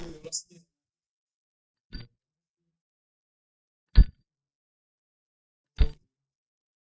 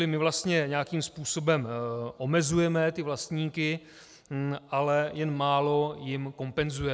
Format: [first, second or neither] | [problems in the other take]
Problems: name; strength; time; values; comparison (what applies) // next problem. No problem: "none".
second | noise reduction (neural mask model DeepFilterNet 3)